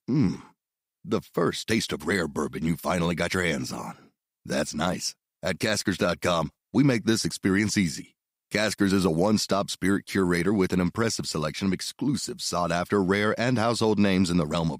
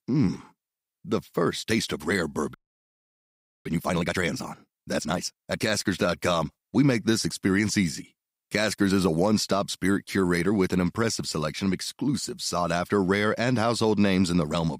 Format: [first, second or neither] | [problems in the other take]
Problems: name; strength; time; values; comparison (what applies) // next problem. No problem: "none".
first | audio freezing; at 2.5 s for 1 s